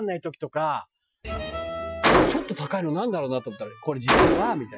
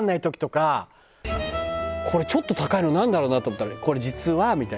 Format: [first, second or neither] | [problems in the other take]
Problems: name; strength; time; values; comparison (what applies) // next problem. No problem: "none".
second | noise reduction (classical method Wiener filter)